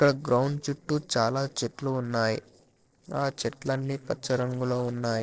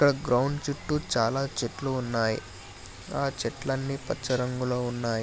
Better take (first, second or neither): second